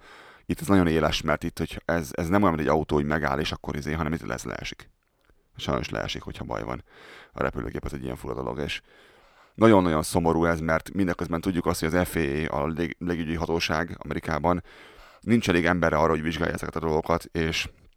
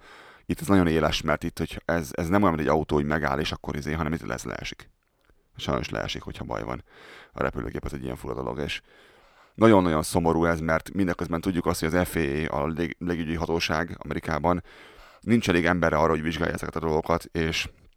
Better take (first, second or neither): neither